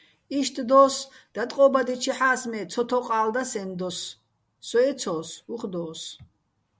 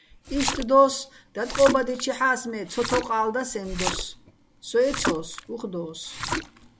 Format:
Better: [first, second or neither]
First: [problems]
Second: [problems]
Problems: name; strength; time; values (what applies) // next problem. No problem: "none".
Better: first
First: none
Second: background sound (Splash, splatter); 8 dB below the speech